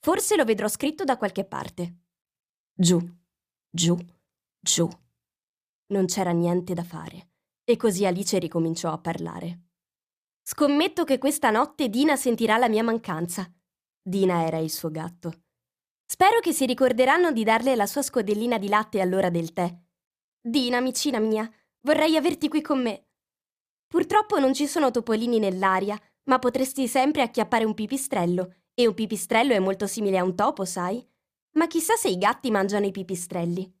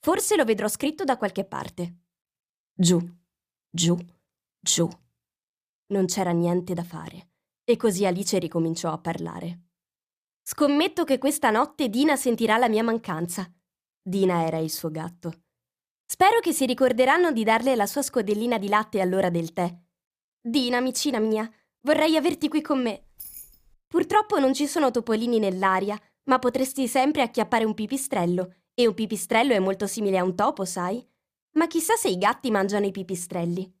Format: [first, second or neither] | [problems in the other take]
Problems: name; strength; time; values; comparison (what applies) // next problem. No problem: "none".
first | jangling keys; faint; at 23 s; peak 15 dB below the speech